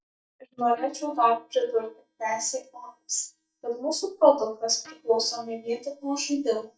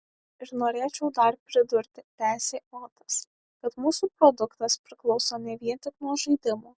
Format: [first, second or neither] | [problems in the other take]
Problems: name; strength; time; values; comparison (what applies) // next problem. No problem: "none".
second | noise reduction (neural mask model DeepFilterNet 3)